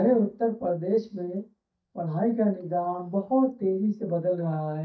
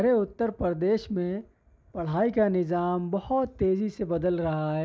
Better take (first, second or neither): second